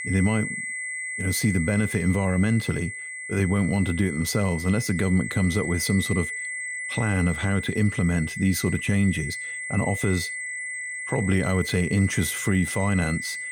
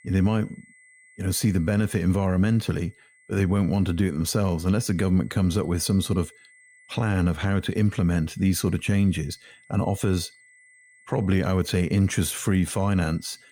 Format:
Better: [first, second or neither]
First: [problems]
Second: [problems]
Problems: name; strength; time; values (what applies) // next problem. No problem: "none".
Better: second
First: high-pitched whine; loud; throughout; 2 kHz, 6 dB below the speech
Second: high-pitched whine; faint; throughout; 2 kHz, 30 dB below the speech